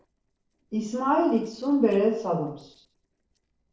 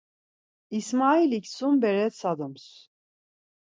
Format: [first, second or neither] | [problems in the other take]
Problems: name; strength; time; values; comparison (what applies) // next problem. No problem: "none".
second | noise reduction (neural separator model SepFormer DNS4)